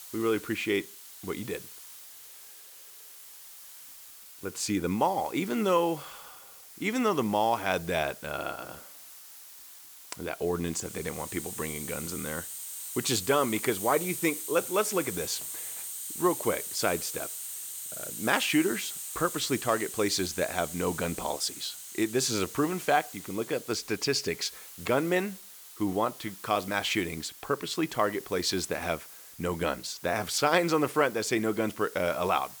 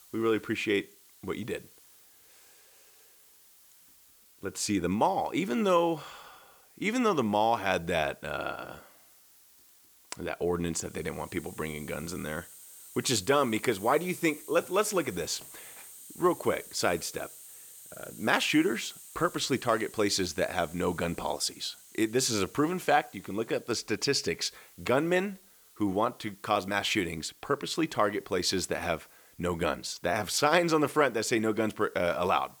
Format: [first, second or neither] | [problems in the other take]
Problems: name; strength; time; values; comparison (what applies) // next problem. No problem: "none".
second | hiss; loud; throughout; 10 dB below the speech; faint in the second